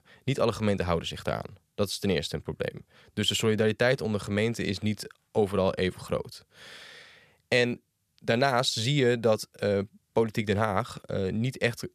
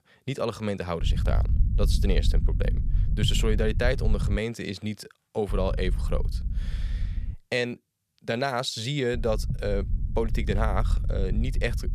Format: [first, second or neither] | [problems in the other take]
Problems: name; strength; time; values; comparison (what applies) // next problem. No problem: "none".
first | low rumble; noticeable; from 1 to 4.5 s, from 5.5 to 7.5 s and from 9 s on; 15 dB below the speech